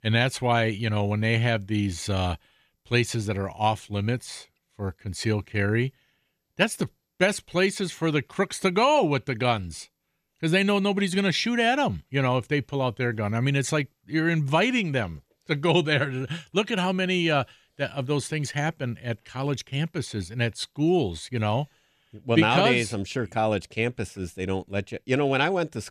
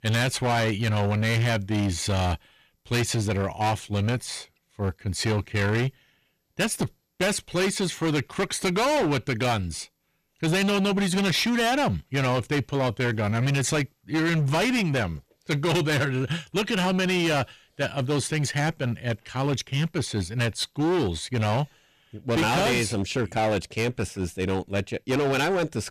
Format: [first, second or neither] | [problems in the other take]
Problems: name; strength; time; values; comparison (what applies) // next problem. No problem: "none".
first | distortion; heavy; 20% of the sound clipped